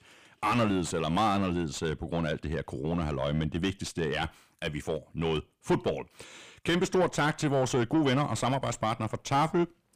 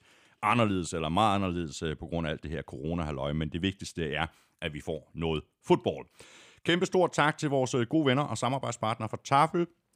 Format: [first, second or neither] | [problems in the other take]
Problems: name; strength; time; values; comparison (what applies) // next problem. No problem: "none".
second | distortion; heavy; 6 dB below the speech